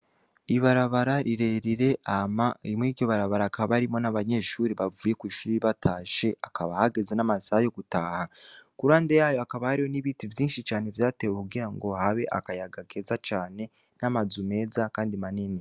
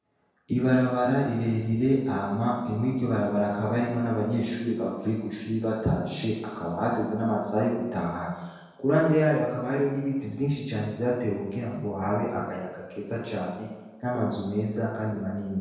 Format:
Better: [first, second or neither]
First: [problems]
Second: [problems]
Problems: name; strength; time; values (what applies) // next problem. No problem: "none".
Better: first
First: none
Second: room echo; dies away in 1.1 s